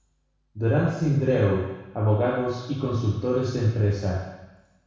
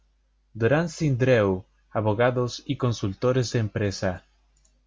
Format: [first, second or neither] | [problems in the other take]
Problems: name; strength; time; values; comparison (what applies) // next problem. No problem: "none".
second | room echo; dies away in 1.1 s